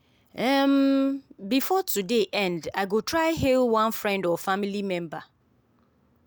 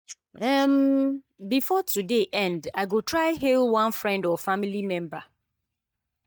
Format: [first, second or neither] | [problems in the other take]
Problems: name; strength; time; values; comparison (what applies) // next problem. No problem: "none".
first | noise reduction (neural mask model DeepFilterNet 3)